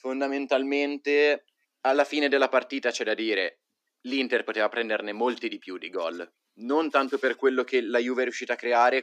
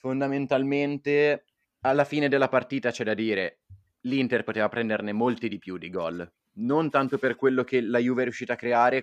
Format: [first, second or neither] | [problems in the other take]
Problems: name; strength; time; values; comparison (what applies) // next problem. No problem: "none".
second | thin; very slightly; fading below 250 Hz